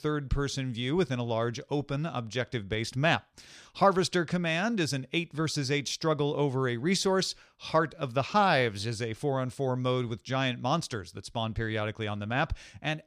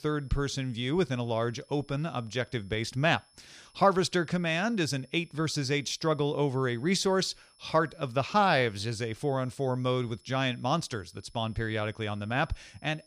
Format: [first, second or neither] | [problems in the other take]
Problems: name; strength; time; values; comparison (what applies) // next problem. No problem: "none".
first | high-pitched whine; faint; throughout; 5.5 kHz, 30 dB below the speech